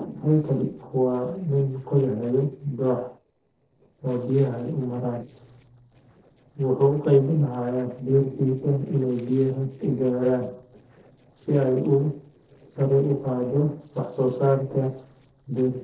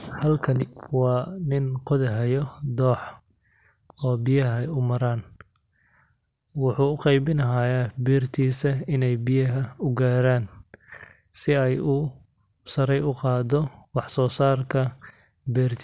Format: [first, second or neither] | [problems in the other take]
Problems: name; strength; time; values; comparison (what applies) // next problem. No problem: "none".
second | noise reduction (neural separator model SepFormer DNS4)